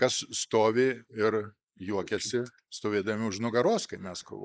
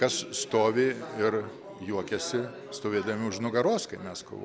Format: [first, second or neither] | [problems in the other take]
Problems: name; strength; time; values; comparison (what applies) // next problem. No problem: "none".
second | noise reduction (neural mask model Resemble Enhance denoiser)